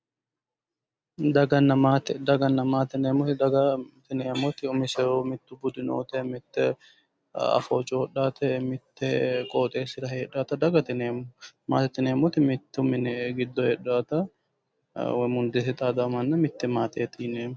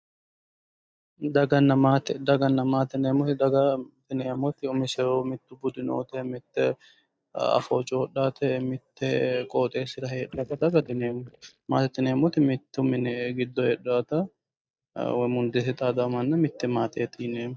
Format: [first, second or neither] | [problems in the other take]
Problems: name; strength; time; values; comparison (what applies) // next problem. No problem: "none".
first | noise reduction (neural mask model DeepFilterNet 3)